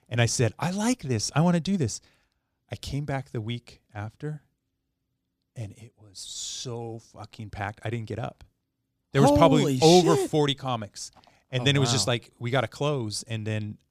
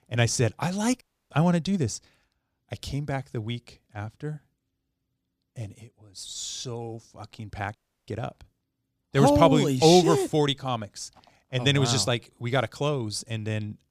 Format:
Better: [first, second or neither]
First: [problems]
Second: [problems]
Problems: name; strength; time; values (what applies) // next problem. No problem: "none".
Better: first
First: none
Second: audio cutting out; at 1 s and at 8 s